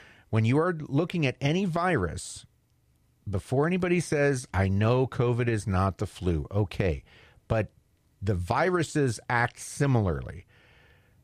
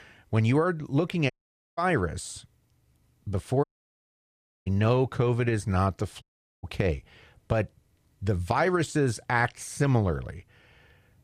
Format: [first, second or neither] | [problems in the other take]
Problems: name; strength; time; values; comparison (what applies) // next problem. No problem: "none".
first | audio cutting out; at 1.5 s, at 3.5 s for 1 s and at 6 s